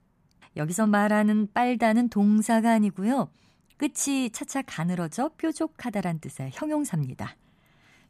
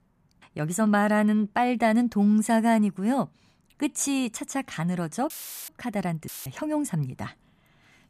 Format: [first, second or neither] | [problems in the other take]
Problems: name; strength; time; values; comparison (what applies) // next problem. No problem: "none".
first | audio cutting out; filled with static; at 5.5 s and at 6.5 s